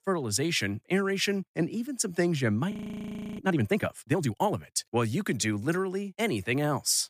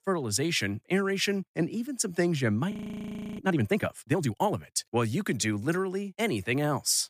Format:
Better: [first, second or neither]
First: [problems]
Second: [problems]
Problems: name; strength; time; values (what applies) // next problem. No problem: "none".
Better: neither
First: audio freezing; at 2.5 s for 0.5 s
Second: audio freezing; at 2.5 s for 0.5 s